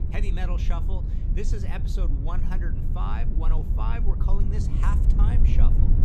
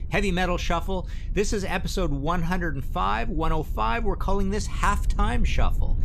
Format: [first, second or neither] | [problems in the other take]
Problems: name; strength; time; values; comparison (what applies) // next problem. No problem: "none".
second | low rumble; loud; throughout; 3 dB below the speech; faint in the second